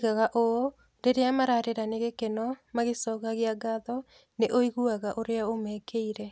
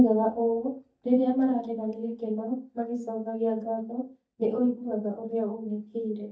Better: first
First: none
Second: noise reduction (neural mask model DeepFilterNet 3)

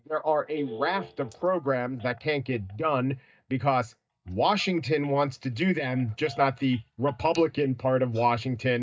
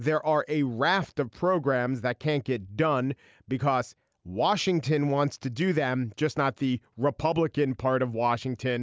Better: second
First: noise reduction (neural mask model DeepFilterNet 3)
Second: none

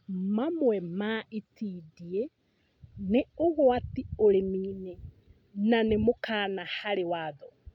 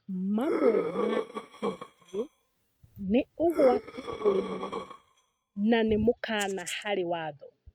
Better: first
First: none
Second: noise reduction (neural mask model RNNoise)

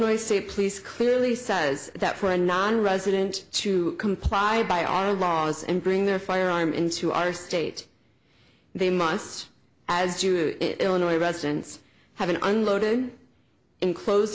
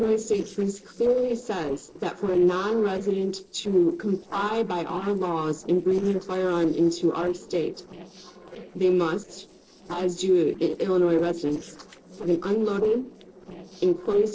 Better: first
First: none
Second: noise reduction (neural separator model SepFormer DNS4)

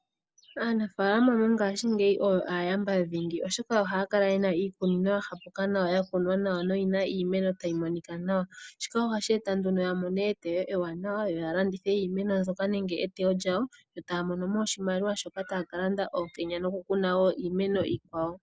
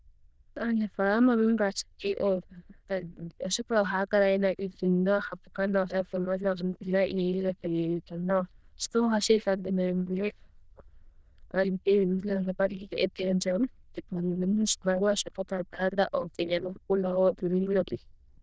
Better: first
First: none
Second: noise reduction (neural diffusion model UNIVERSE++)

